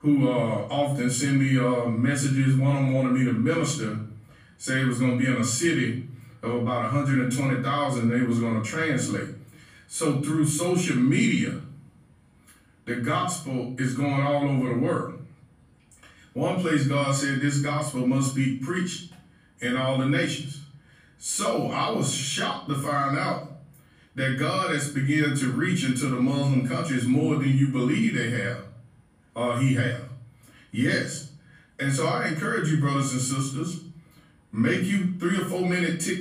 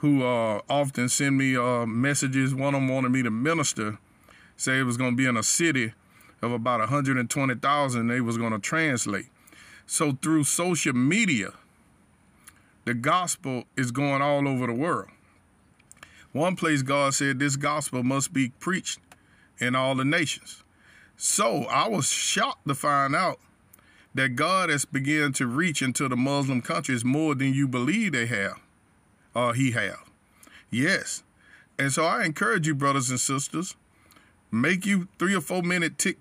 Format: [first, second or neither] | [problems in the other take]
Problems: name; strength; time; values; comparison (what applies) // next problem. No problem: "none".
second | room echo; noticeable; dies away in 0.7 s // off-mic speech; far